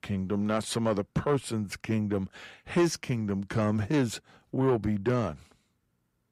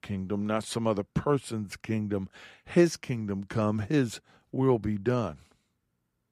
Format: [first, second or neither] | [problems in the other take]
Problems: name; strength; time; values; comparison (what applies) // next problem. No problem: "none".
second | distortion; slight; 10 dB below the speech